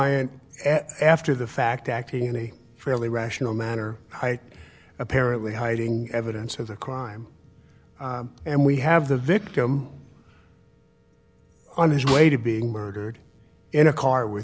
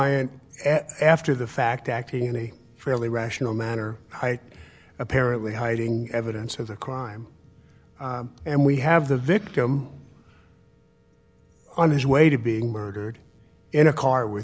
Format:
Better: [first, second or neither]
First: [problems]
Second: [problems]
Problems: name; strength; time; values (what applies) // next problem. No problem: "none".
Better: second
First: background sound (Snare drum); 8 dB below the speech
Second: none